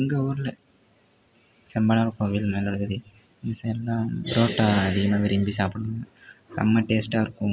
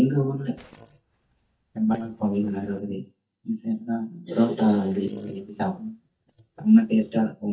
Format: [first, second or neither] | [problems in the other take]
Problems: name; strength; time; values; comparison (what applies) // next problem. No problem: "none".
first | noise reduction (neural mask model DeepFilterNet 3)